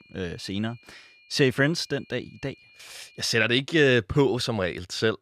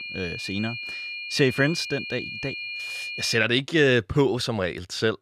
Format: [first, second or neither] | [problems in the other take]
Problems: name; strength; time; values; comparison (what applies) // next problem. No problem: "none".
first | high-pitched whine; loud; until 3.5 s; 2.5 kHz, 8 dB below the speech; faint in the first